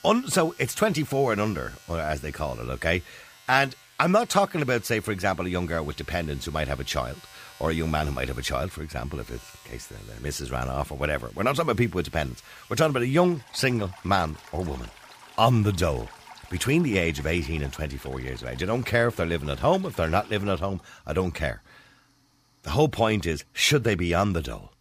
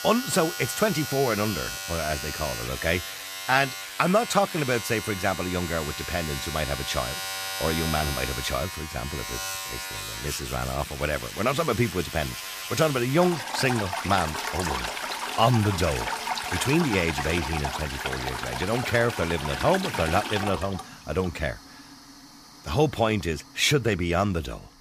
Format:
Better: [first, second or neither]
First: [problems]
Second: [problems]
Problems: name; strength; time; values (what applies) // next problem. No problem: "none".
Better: first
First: household noises; faint; throughout; 20 dB below the speech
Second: household noises; loud; throughout; 5 dB below the speech